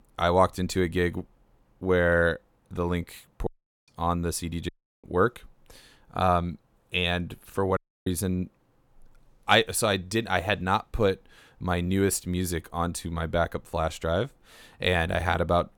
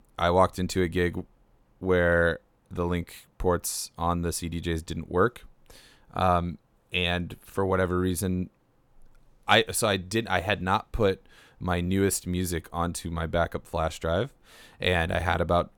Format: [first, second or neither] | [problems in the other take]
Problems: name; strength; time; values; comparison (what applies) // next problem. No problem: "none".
second | audio cutting out; at 3.5 s, at 4.5 s and at 8 s